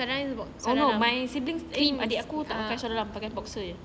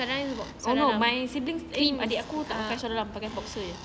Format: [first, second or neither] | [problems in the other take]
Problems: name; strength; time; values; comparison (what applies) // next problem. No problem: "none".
first | background sound (Bird); 20 dB below the speech